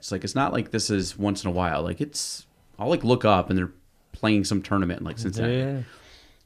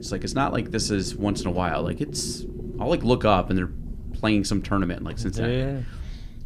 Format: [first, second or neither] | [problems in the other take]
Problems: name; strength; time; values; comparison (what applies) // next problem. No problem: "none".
first | low rumble; noticeable; throughout; 15 dB below the speech